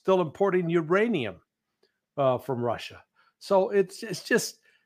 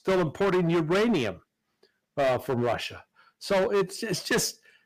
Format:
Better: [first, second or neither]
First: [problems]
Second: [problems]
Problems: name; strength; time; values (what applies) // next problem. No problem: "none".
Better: first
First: none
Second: distortion; heavy; 14% of the sound clipped